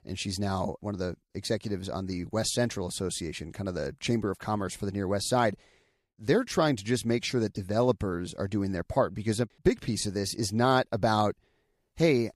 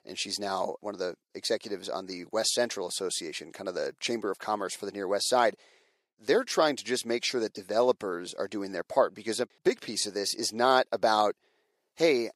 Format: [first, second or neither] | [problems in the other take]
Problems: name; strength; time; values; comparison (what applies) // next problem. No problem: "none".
first | thin; somewhat; fading below 450 Hz